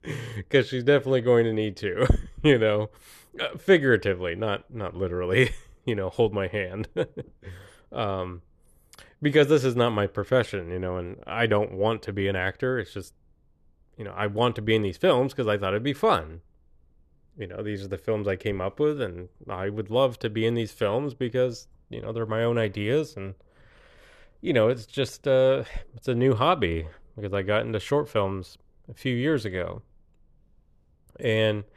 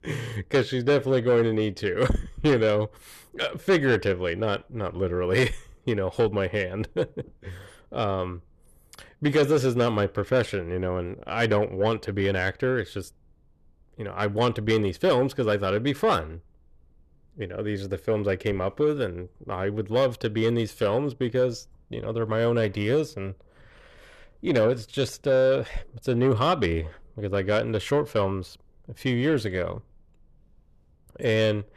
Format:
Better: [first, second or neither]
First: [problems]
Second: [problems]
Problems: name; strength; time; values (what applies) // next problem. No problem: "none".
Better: first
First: none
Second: distortion; slight; 10 dB below the speech